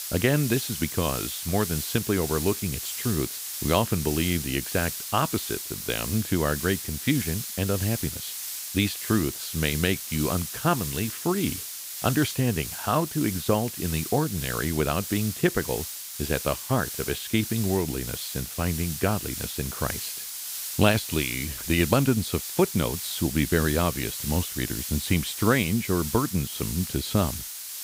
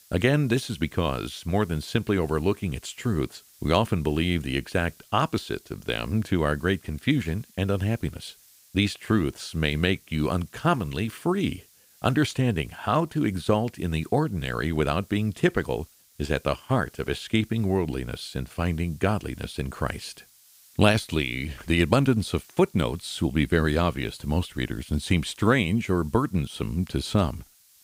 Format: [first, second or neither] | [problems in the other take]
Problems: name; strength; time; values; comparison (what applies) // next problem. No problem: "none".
second | hiss; loud; throughout; 5 dB below the speech; faint in the second